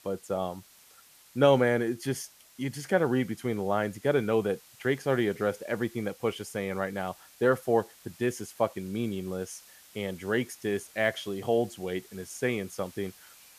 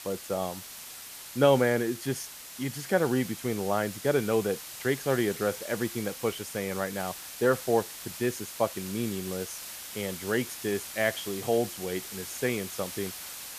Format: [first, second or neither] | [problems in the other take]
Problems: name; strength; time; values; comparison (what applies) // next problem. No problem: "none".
first | hiss; loud; throughout; 9 dB below the speech; faint in the first